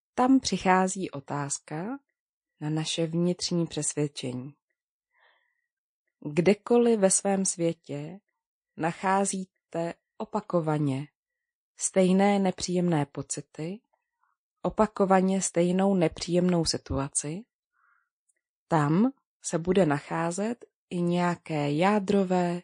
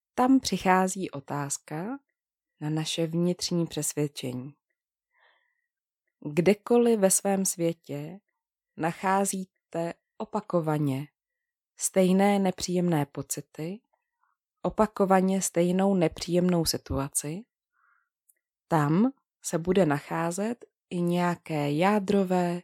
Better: second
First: garbled, watery; slightly; nothing above 8.5 kHz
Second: none

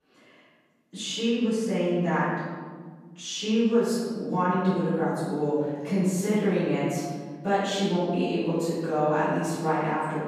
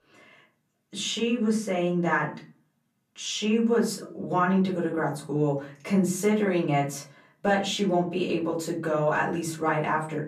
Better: second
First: room echo; strong; dies away in 1.5 s // off-mic speech; far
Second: room echo; slight; dies away in 0.3 s // off-mic speech; far

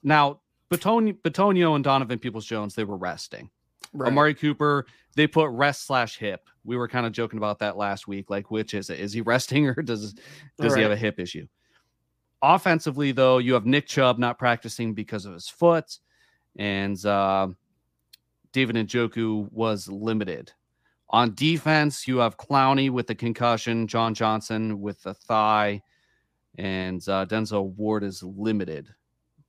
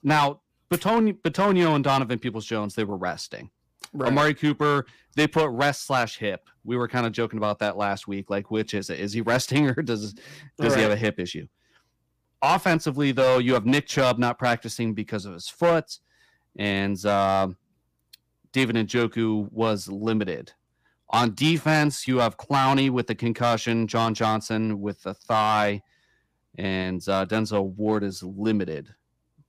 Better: first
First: none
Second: distortion; slight; 4% of the sound clipped

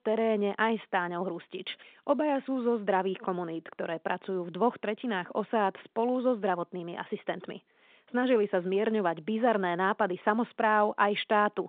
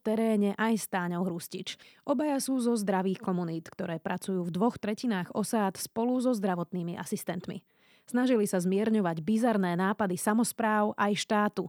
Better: second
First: phone-call audio; nothing above 3.5 kHz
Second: none

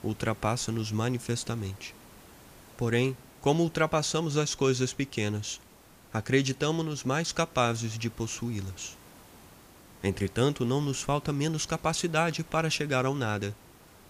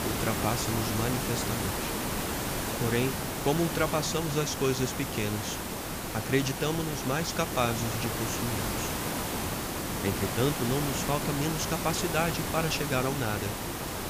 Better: first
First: hiss; faint; throughout; 25 dB below the speech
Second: hiss; loud; throughout; 1 dB below the speech

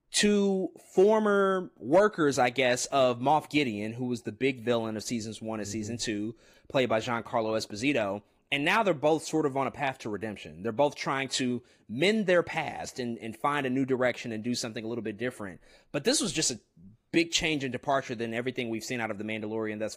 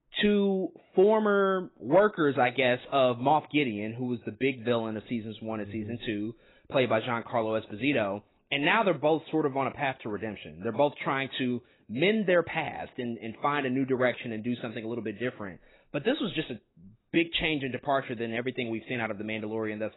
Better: first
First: garbled, watery; slightly; nothing above 15 kHz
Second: garbled, watery; badly; nothing above 4 kHz

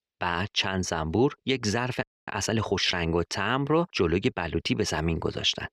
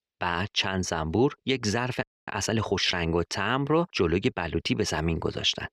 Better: neither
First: audio freezing; at 2 s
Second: audio freezing; at 2 s

